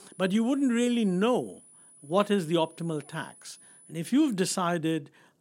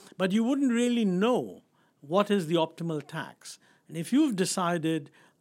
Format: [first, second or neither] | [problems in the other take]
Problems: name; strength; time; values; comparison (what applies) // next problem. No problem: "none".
second | high-pitched whine; faint; until 4 s; 10 kHz, 25 dB below the speech